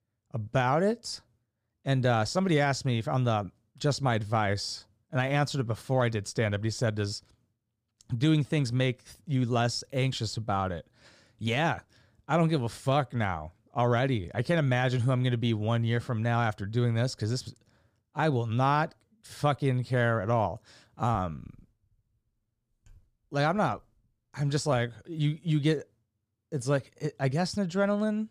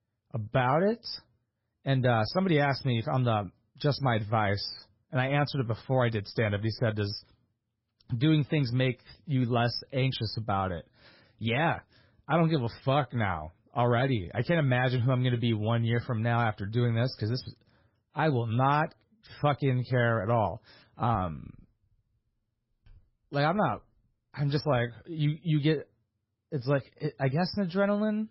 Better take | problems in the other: first | garbled, watery; badly; nothing above 5.5 kHz

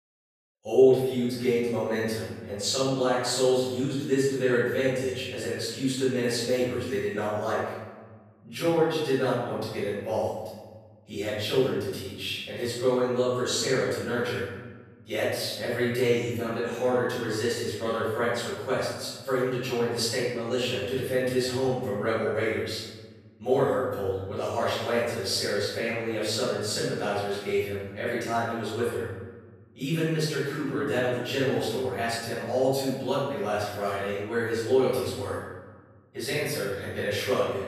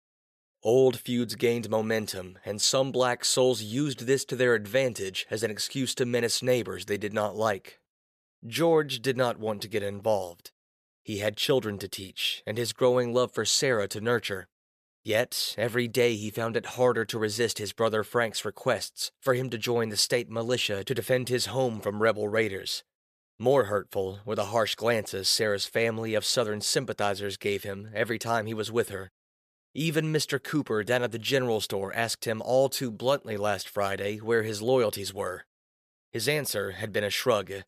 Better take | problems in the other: second | off-mic speech; far // room echo; strong; dies away in 1.2 s

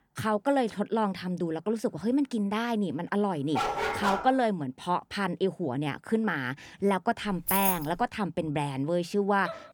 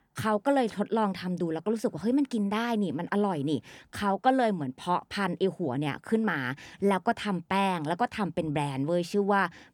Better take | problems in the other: second | dog barking; loud; at 3.5 s; peak level with the speech // jangling keys; loud; at 7.5 s; peak 3 dB above the speech // dog barking; very faint; at 9.5 s; peak 15 dB below the speech

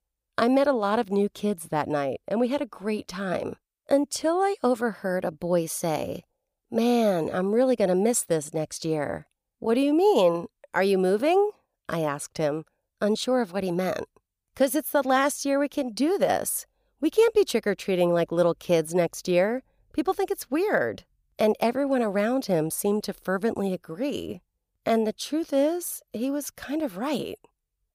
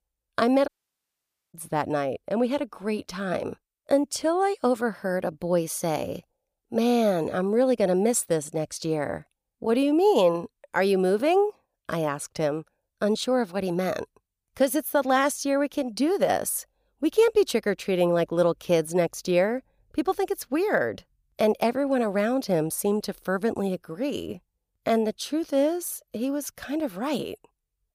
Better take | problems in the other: first | audio cutting out; at 0.5 s for 1 s

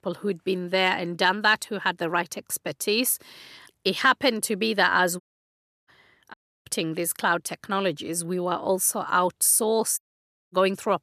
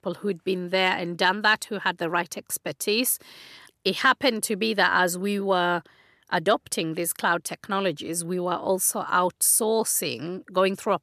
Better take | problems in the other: second | audio cutting out; at 5 s for 0.5 s, at 6.5 s and at 10 s for 0.5 s

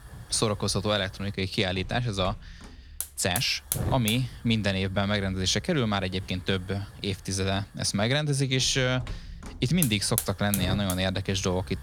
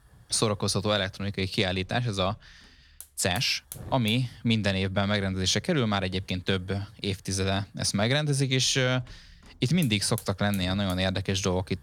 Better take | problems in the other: second | hiss; loud; throughout; 8 dB below the speech; faint in the second

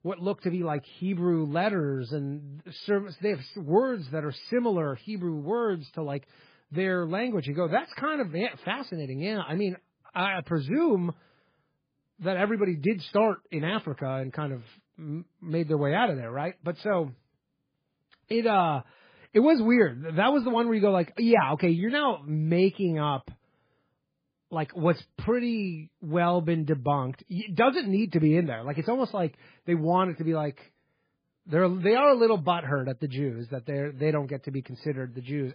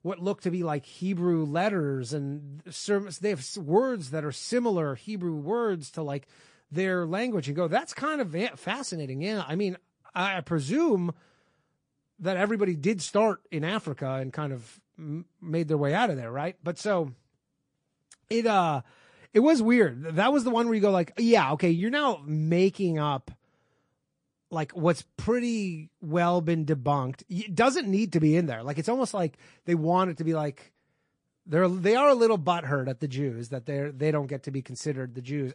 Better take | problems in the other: second | garbled, watery; badly; nothing above 4.5 kHz; slightly in the second

